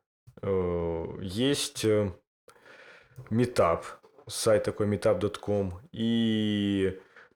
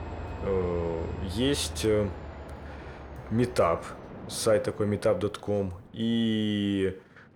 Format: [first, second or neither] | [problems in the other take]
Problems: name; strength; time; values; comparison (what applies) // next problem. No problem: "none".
first | train or aircraft noise; noticeable; throughout; 15 dB below the speech